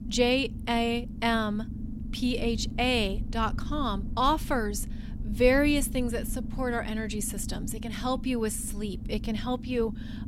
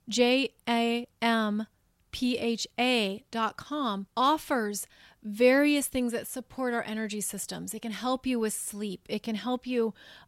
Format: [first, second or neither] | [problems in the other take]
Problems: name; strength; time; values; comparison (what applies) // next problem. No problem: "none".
second | low rumble; noticeable; throughout; 15 dB below the speech